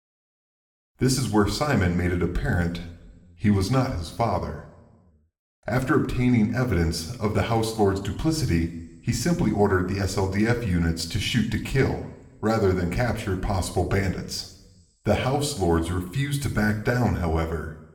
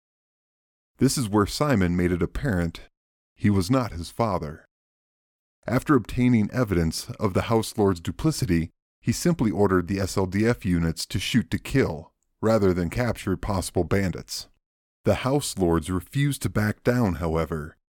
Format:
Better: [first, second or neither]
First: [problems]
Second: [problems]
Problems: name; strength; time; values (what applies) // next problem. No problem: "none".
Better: second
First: room echo; slight; dies away in 0.7 s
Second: none